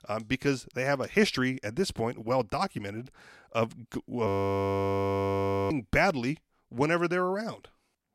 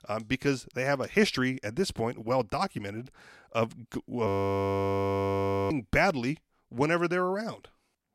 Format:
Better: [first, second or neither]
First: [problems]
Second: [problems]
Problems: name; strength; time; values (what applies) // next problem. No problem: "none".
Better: neither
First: audio freezing; at 4.5 s for 1.5 s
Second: audio freezing; at 4.5 s for 1.5 s